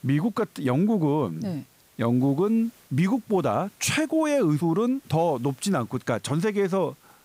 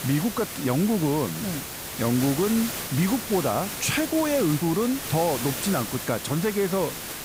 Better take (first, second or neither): first